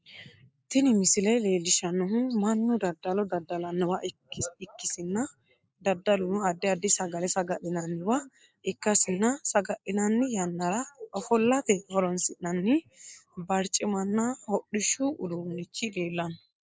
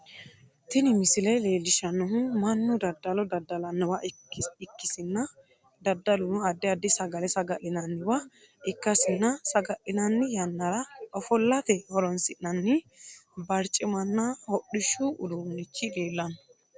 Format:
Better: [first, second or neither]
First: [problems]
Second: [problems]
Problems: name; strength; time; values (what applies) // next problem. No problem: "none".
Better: second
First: noise reduction (neural mask model Resemble Enhance denoiser)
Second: none